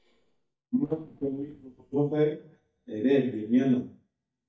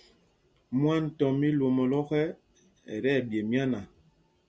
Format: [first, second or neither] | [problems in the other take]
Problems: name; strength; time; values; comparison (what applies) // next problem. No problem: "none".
second | noise reduction (neural mask model DeepFilterNet 3)